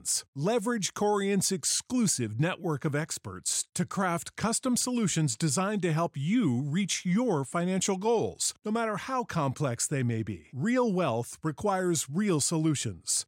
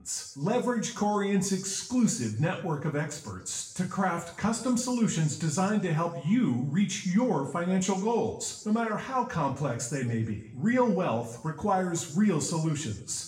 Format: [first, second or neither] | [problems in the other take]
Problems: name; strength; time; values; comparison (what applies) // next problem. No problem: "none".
first | room echo; slight; dies away in 0.7 s // off-mic speech; far